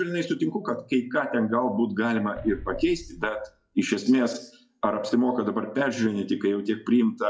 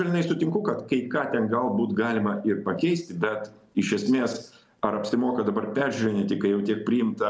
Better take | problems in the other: second | noise reduction (classical method WPE with log-MMSE)

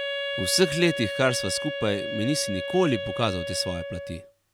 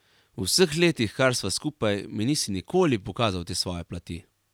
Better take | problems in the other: second | background sound (Wind instrument, woodwind instrument); 5 dB below the speech

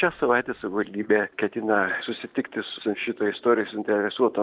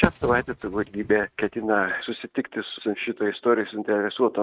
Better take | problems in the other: first | noise reduction (neural mask model RNNoise)

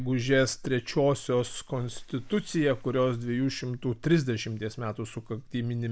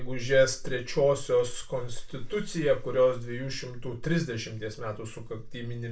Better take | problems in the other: first | room echo; dies away in 0.3 s

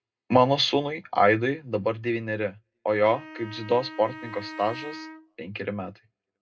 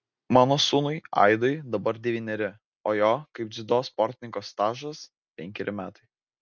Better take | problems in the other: second | background sound (Wind instrument, woodwind instrument); 16 dB below the speech // room echo; dies away in 0.2 s

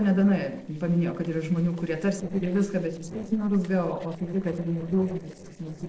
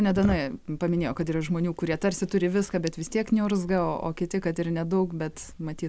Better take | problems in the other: second | noise reduction (neural separator model SepFormer DNS4)

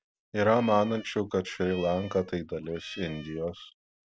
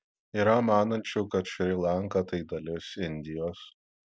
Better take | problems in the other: second | background sound (Cat); 19 dB below the speech

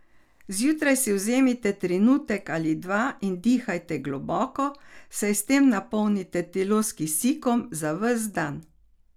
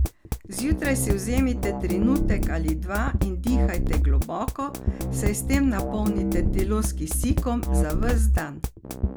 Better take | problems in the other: first | background sound (Drum kit); 4 dB above the speech

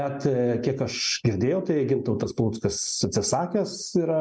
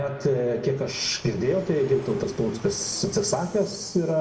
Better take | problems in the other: first | background sound (Fixed-wing aircraft, airplane); 18 dB below the speech // room echo; dies away in 0.9 s

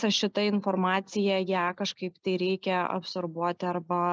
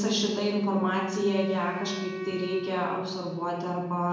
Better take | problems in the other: first | background sound (Wind instrument, woodwind instrument); 11 dB below the speech // room echo; dies away in 0.9 s

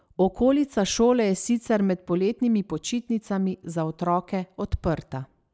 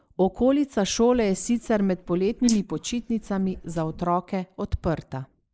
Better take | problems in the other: first | noise reduction (neural mask model Resemble Enhance denoiser)

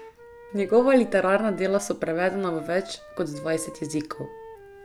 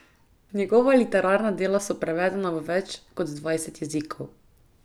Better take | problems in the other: second | background sound (Wind instrument, woodwind instrument); 18 dB below the speech

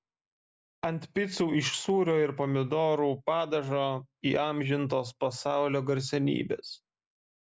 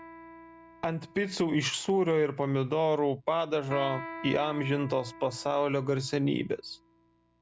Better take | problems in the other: first | background sound (Electric guitar); 17 dB below the speech

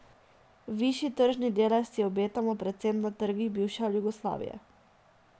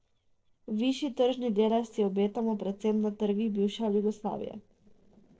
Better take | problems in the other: first | noise reduction (neural separator model SepFormer DNS4)

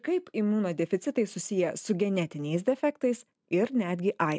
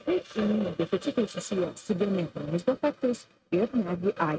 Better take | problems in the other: first | noise reduction (neural mask model RNNoise)

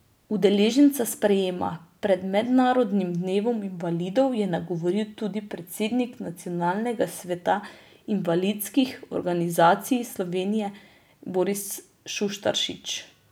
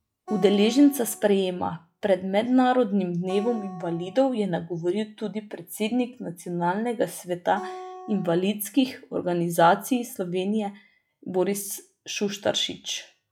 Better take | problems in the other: first | noise reduction (classical method log-MMSE)

